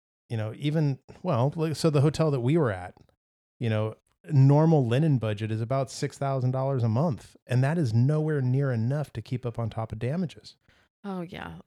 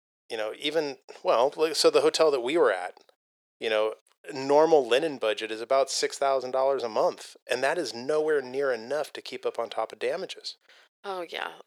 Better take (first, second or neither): first